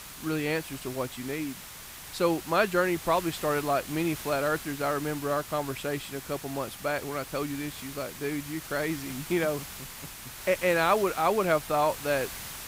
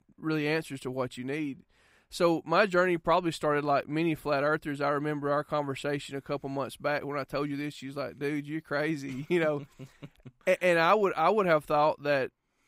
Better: second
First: hiss; noticeable; throughout; 10 dB below the speech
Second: none

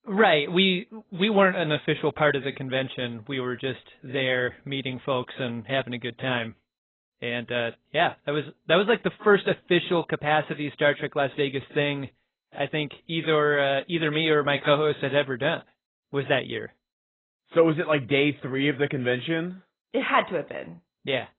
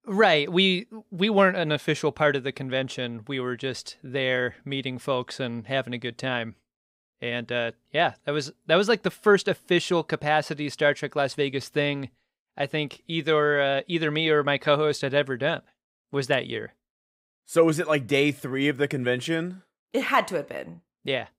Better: second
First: garbled, watery; badly; nothing above 4 kHz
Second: none

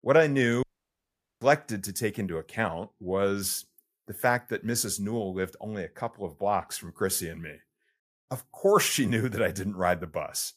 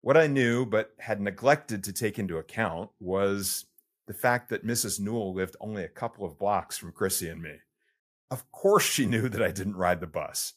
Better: second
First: audio cutting out; at 0.5 s for 1 s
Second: none

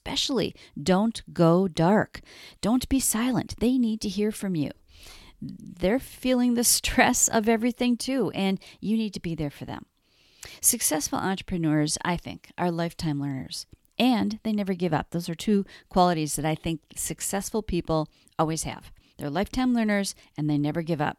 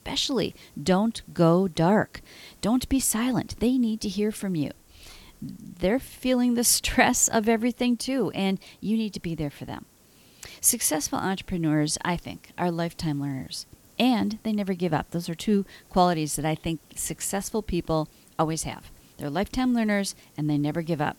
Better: first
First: none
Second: hiss; faint; throughout; 30 dB below the speech

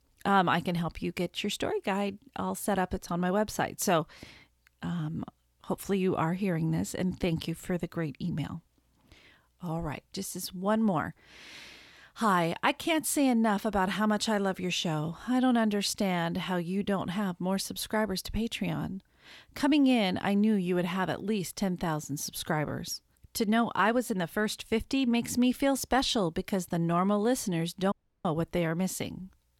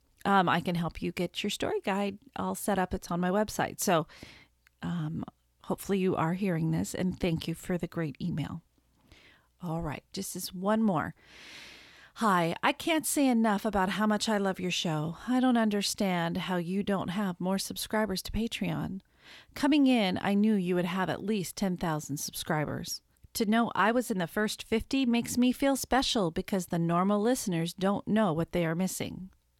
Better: second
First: audio cutting out; at 28 s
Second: none

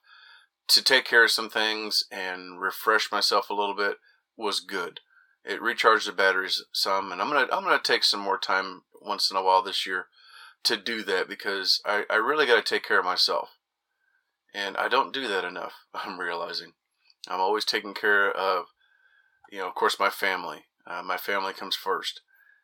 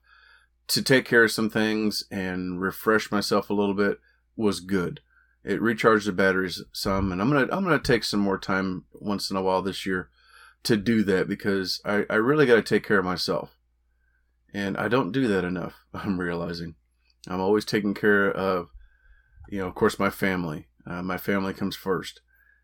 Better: second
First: thin; very; fading below 650 Hz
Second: none

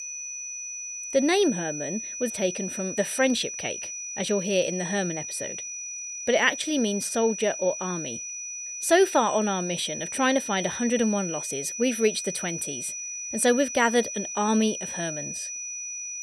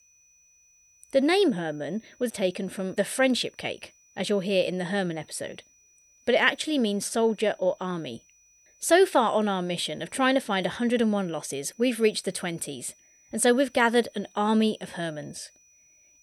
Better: second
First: high-pitched whine; loud; throughout; 6 kHz, 6 dB below the speech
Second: high-pitched whine; faint; throughout; 6 kHz, 30 dB below the speech

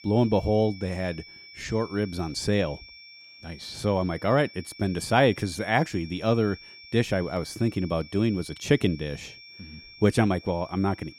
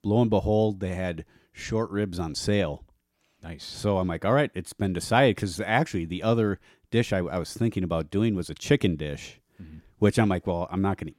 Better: second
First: high-pitched whine; noticeable; throughout; 2.5 kHz, 20 dB below the speech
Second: none

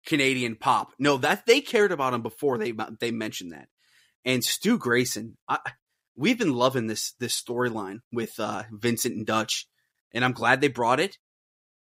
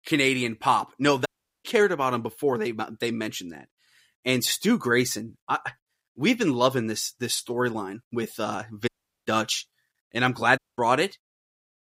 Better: first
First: none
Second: audio cutting out; at 1.5 s, at 9 s and at 11 s

